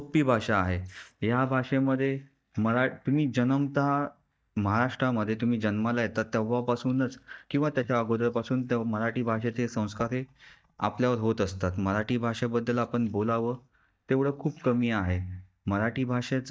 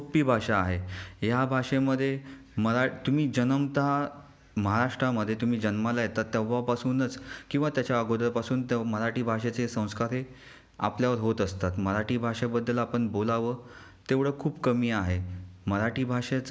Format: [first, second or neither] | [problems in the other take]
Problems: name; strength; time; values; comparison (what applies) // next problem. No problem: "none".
second | noise reduction (neural mask model DeepFilterNet 3)